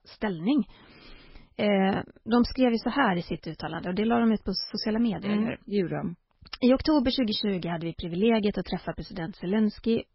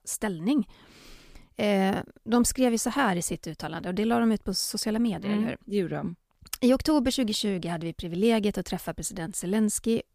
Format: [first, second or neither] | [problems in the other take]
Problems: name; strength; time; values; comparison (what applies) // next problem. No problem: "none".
second | garbled, watery; badly; nothing above 5.5 kHz